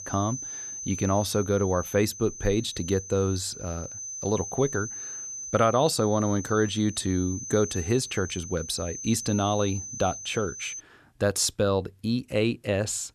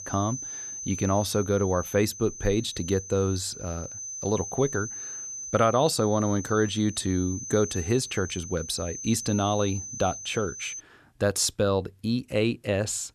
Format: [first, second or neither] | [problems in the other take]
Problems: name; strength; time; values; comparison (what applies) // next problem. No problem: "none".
neither | high-pitched whine; loud; until 11 s; 6 kHz, 9 dB below the speech; the same in both